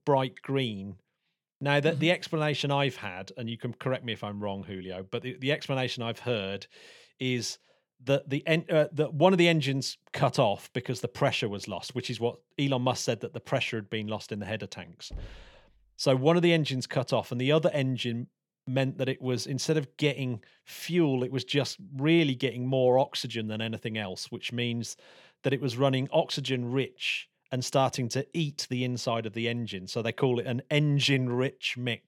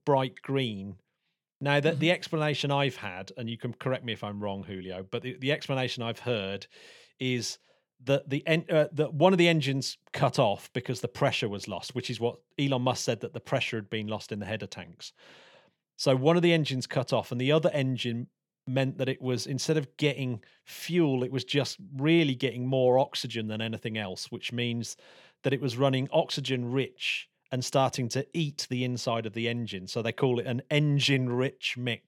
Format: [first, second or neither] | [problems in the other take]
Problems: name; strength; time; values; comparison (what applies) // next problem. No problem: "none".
second | door banging; faint; at 15 s; peak 15 dB below the speech